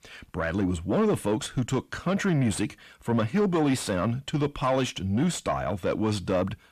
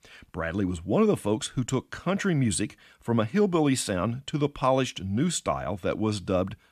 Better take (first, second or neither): second